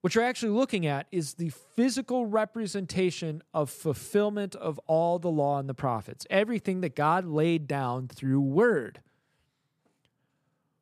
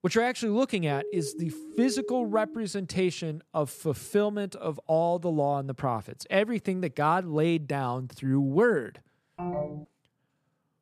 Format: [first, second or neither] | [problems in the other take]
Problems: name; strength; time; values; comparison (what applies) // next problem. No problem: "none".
first | siren; noticeable; from 1 to 2.5 s; peak 8 dB below the speech // phone ringing; noticeable; at 9.5 s; peak 5 dB below the speech